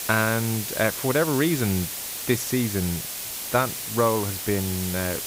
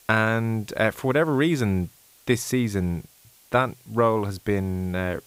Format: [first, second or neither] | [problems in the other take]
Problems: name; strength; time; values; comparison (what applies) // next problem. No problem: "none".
second | hiss; loud; throughout; 4 dB below the speech; faint in the second